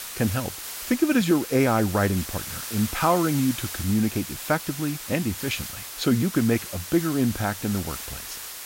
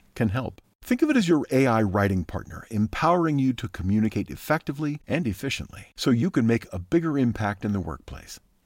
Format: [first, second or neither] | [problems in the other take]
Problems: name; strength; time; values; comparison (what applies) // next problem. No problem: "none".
second | hiss; loud; throughout; 8 dB below the speech